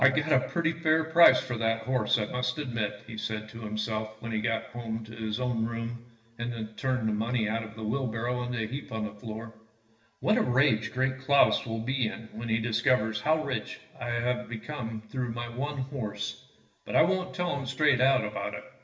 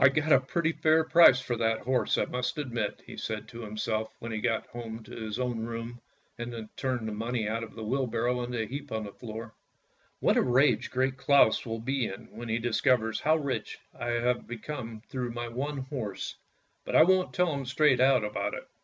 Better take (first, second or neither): second